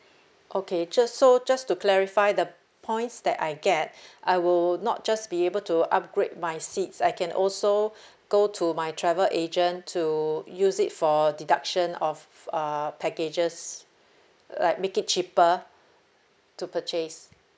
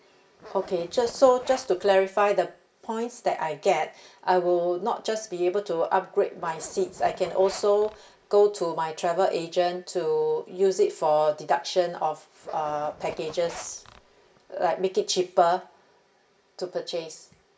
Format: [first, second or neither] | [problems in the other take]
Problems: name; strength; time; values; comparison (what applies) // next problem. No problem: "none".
first | background sound (Zipper (clothing)); 19 dB below the speech // room echo; dies away in 0.2 s